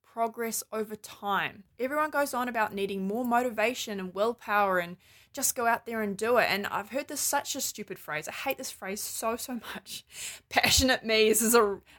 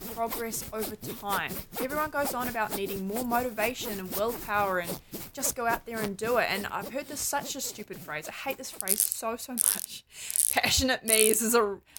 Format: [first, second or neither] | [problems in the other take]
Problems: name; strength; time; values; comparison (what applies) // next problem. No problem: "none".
first | machinery noise; loud; throughout; 1 dB below the speech